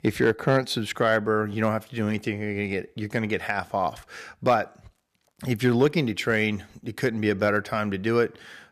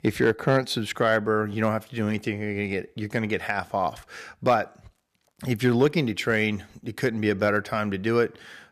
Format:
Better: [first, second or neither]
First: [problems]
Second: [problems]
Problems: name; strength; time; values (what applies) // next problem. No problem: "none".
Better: neither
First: none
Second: none